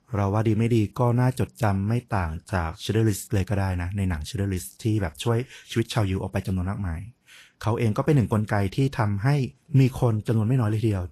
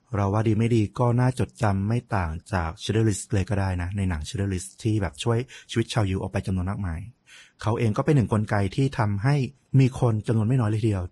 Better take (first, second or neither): first